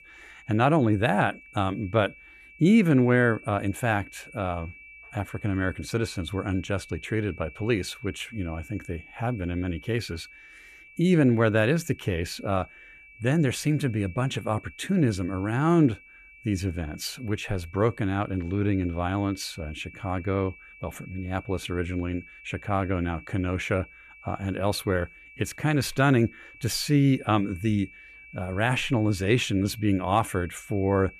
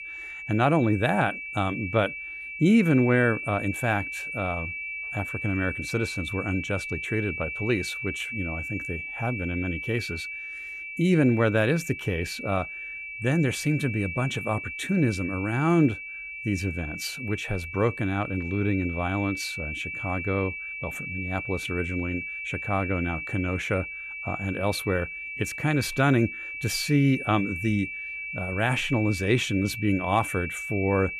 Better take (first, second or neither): first